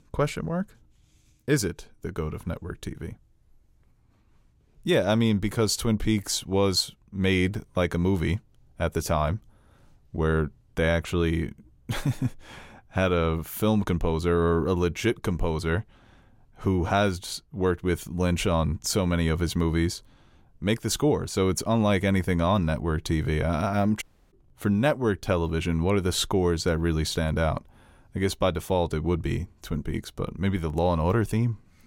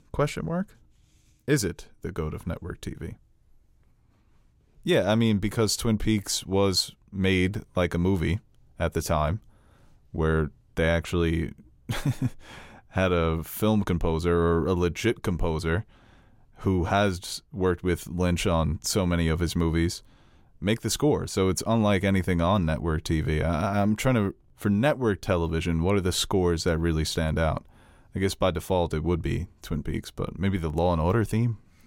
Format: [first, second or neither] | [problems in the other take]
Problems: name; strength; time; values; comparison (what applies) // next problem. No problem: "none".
second | audio cutting out; at 24 s